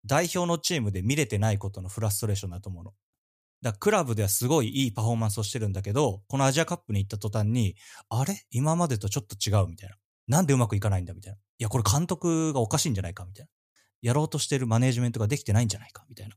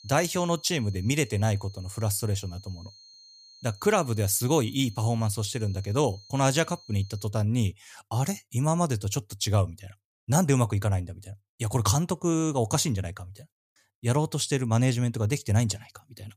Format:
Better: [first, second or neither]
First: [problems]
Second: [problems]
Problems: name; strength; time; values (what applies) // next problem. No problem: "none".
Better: first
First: none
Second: high-pitched whine; faint; until 7.5 s; 4 kHz, 25 dB below the speech